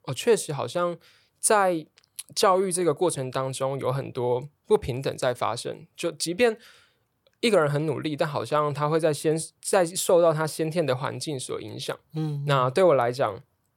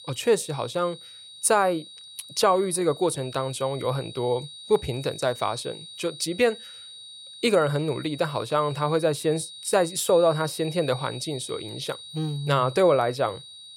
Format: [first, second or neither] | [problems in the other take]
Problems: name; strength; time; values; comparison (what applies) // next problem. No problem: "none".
first | high-pitched whine; noticeable; throughout; 4 kHz, 15 dB below the speech